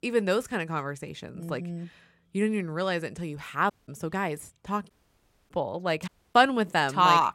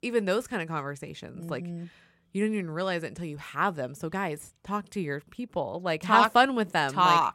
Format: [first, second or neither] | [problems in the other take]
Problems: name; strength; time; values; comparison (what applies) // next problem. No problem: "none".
second | audio cutting out; at 3.5 s, at 5 s for 0.5 s and at 6 s